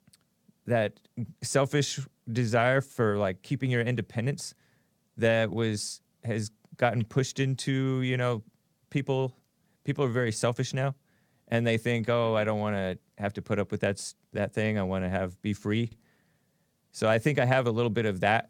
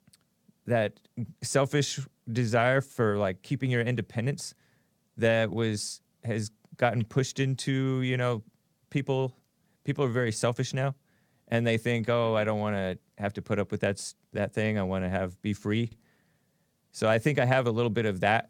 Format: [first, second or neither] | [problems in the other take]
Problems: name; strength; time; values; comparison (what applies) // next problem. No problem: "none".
neither | none